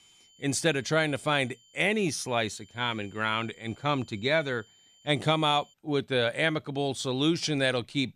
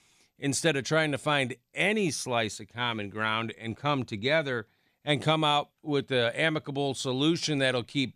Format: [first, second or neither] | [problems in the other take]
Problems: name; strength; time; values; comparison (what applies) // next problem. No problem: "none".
second | high-pitched whine; faint; until 5.5 s; 3 kHz, 30 dB below the speech